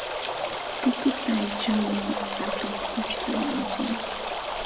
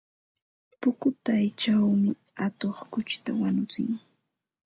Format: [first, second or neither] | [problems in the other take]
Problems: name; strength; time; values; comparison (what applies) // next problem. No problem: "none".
second | background sound (Stream); 1 dB below the speech // room echo; dies away in 1.2 s